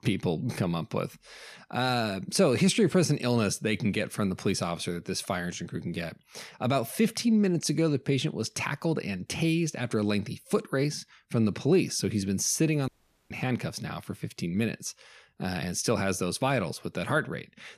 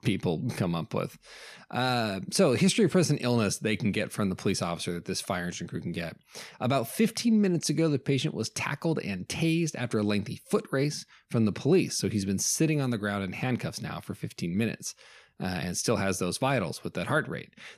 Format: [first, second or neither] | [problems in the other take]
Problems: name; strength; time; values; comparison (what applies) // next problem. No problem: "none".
second | audio cutting out; at 13 s